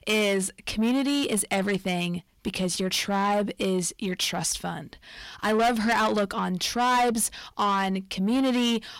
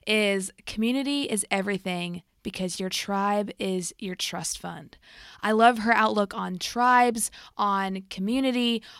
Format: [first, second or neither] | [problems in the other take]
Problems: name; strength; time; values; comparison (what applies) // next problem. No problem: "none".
second | distortion; heavy; 7 dB below the speech